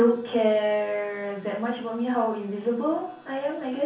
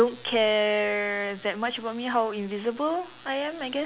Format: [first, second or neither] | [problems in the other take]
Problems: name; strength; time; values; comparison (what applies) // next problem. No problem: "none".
second | room echo; dies away in 0.6 s